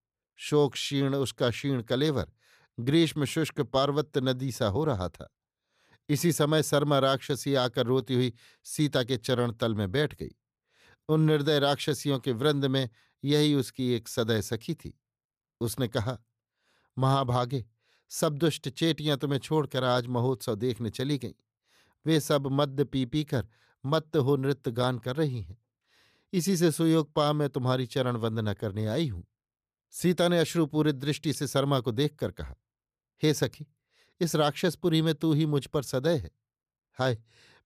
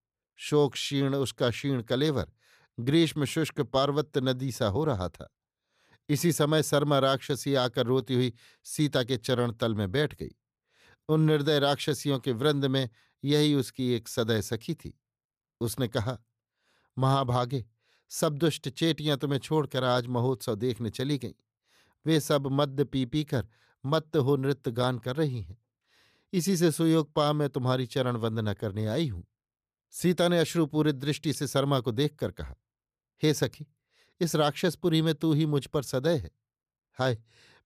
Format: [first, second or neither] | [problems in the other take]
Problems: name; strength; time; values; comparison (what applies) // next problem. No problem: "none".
neither | none